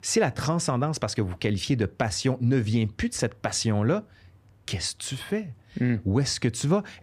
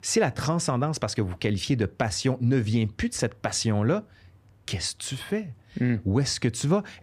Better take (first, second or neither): neither